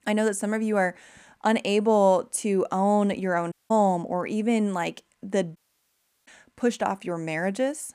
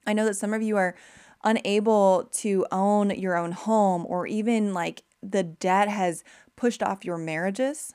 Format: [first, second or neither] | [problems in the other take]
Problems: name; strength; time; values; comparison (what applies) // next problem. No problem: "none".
second | audio cutting out; at 3.5 s and at 5.5 s for 0.5 s